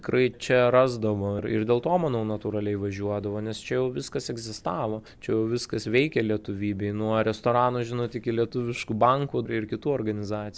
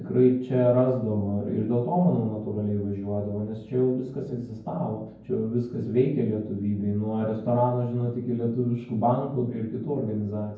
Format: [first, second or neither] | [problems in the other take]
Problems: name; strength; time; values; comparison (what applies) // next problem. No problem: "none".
first | room echo; dies away in 0.9 s